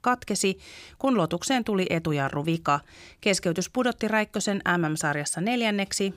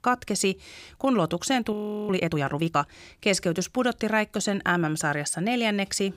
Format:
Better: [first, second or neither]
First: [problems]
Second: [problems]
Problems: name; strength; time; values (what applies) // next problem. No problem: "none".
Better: first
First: none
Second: audio freezing; at 1.5 s